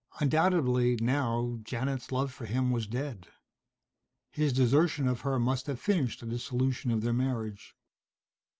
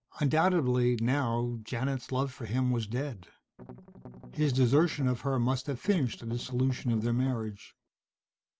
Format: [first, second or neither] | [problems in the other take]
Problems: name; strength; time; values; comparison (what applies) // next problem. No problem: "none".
first | background sound (Strum); 17 dB below the speech